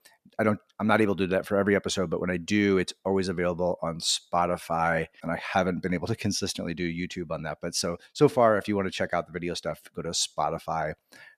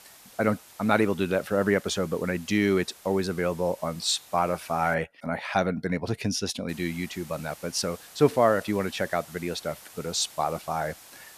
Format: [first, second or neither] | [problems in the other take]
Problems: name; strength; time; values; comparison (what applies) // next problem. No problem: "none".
first | hiss; noticeable; until 5 s and from 6.5 s on; 20 dB below the speech